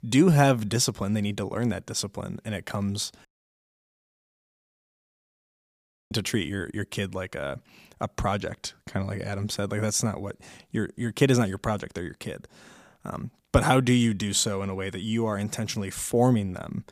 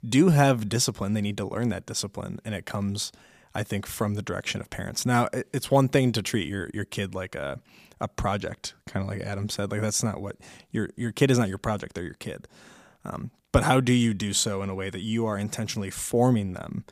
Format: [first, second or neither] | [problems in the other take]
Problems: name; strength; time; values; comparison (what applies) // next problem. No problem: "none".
second | audio cutting out; at 3.5 s for 3 s